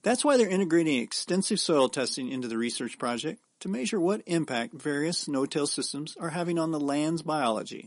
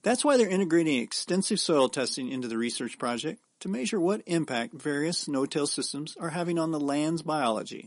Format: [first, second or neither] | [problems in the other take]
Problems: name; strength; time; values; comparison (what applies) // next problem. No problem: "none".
neither | garbled, watery; slightly; nothing above 10.5 kHz; the same in both